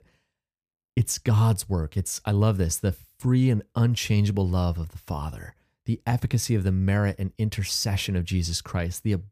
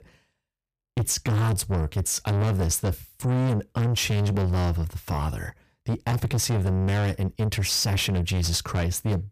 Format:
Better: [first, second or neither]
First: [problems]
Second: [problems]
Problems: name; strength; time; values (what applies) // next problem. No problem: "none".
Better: first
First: none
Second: distortion; heavy; 7 dB below the speech